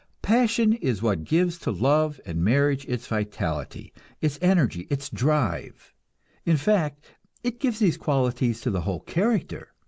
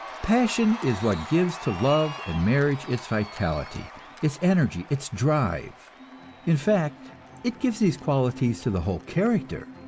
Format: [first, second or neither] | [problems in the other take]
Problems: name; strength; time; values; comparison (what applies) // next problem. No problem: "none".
first | background sound (Cheering); 15 dB below the speech